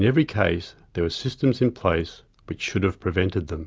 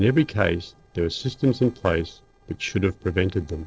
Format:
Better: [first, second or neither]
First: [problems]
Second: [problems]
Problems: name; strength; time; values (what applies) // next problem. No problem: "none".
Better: first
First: none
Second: noise reduction (neural separator model SepFormer DNS4)